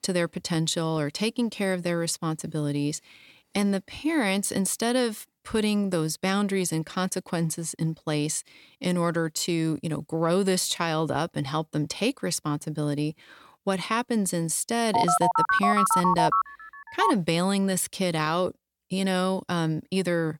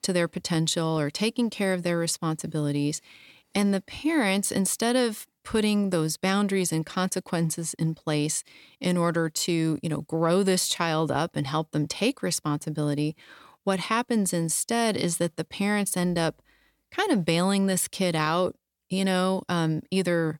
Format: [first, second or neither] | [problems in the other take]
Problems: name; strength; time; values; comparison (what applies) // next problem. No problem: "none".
second | phone ringing; loud; from 15 to 17 s; peak 5 dB above the speech